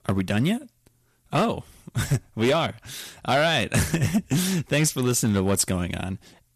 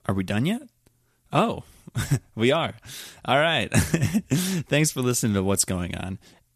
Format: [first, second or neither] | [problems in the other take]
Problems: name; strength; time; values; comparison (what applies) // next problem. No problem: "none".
second | distortion; slight; 5% of the sound clipped